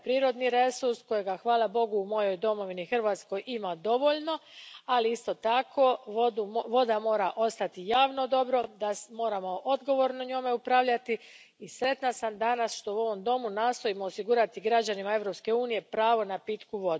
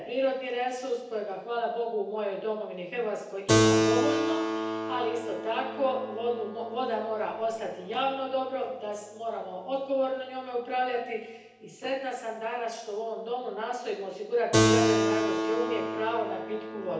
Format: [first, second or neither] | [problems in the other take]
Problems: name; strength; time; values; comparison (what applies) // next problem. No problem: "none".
first | background sound (Keyboard (musical)); as loud as the speech // room echo; dies away in 0.9 s